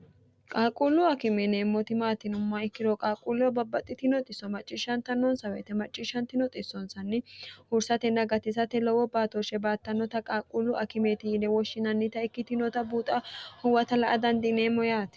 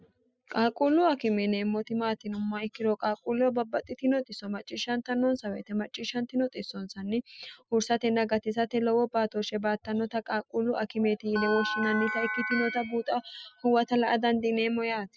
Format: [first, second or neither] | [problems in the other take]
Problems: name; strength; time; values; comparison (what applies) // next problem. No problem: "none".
first | noise reduction (classical method spectral subtraction)